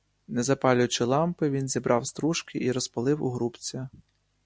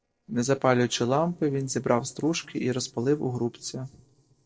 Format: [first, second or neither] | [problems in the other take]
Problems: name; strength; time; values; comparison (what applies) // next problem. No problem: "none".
first | noise reduction (neural separator model SepFormer DNS4)